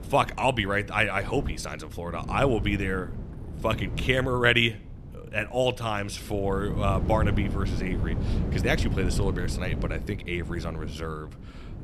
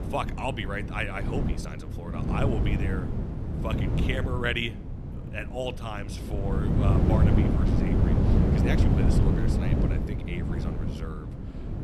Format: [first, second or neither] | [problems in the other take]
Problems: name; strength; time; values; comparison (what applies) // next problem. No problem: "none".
first | wind noise on the microphone; heavy; 1 dB below the speech; occasional gusts in the first